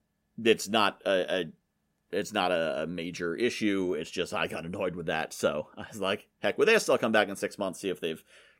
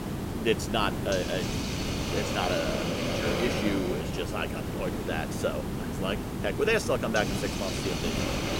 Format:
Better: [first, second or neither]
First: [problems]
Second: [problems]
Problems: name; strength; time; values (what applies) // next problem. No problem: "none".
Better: first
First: none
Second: hiss; loud; throughout; as loud as the speech